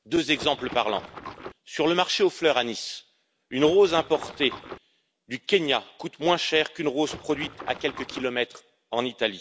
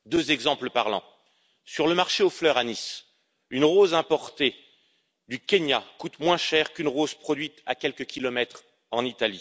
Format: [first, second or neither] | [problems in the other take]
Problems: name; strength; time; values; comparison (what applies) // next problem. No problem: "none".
second | background sound (Water / Splash, splatter); 13 dB below the speech